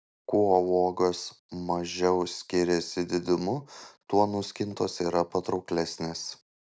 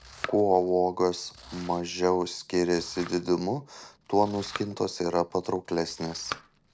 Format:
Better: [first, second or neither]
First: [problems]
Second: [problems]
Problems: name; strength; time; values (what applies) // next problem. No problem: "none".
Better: first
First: none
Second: background sound (Domestic sounds, home sounds); 18 dB below the speech